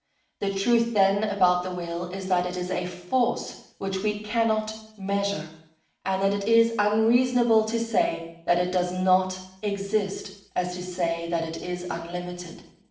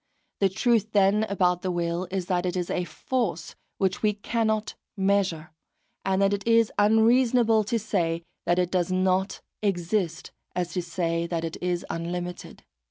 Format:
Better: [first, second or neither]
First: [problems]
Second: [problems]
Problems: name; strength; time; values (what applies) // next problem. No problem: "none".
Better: second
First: room echo; dies away in 0.6 s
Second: none